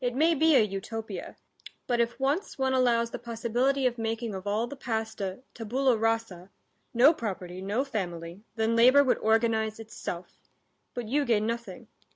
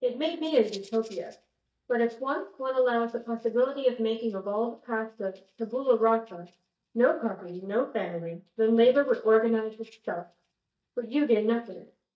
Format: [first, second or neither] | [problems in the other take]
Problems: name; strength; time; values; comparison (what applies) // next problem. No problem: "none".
first | noise reduction (neural mask model DeepFilterNet 3)